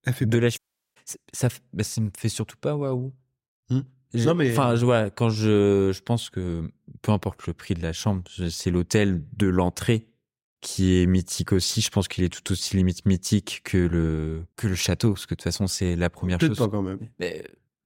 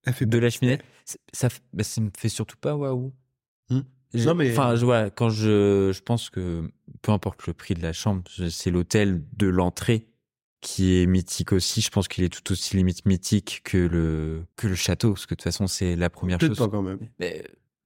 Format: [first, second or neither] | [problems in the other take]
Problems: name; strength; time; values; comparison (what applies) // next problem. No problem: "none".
second | audio cutting out; at 0.5 s